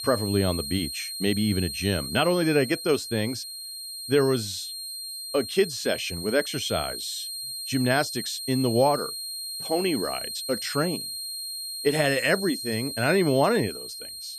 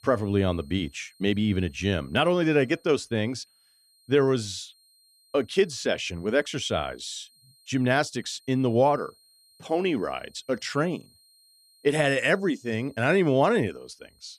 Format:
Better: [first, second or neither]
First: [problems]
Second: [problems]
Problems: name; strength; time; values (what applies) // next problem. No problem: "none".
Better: second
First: high-pitched whine; loud; throughout; 4 kHz, 7 dB below the speech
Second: high-pitched whine; faint; throughout; 4 kHz, 30 dB below the speech